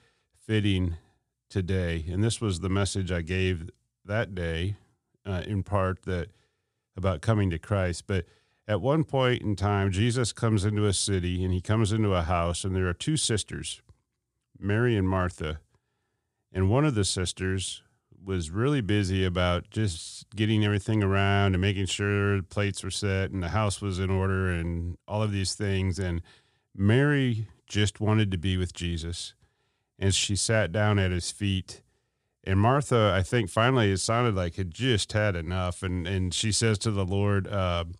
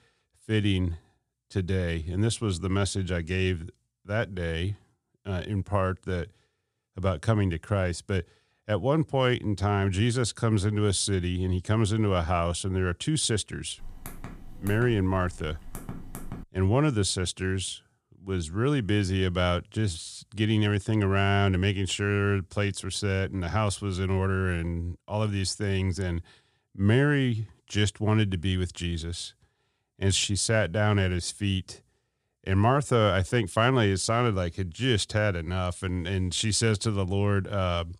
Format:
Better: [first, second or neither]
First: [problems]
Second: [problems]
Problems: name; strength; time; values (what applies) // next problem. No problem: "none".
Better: first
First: none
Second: keyboard typing; faint; from 14 to 16 s; peak 15 dB below the speech